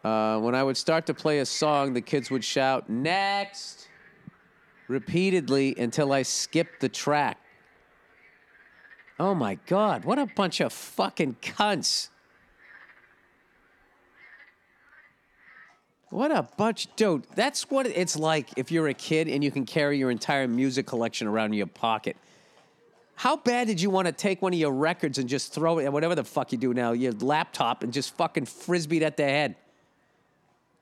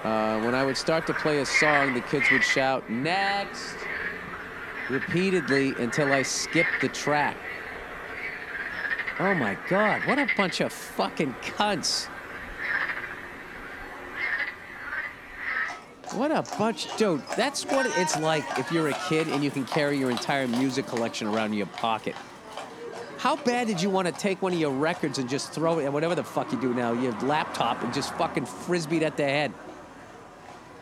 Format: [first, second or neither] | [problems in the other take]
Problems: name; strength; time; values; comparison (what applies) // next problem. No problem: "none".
first | animal sounds; loud; throughout; 4 dB below the speech; faint in the first